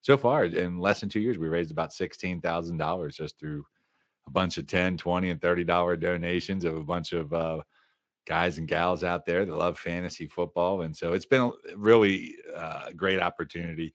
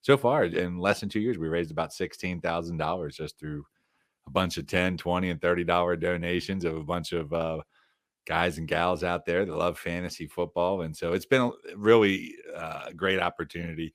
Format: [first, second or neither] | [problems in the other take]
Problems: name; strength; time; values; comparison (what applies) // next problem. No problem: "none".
second | garbled, watery; slightly; nothing above 7.5 kHz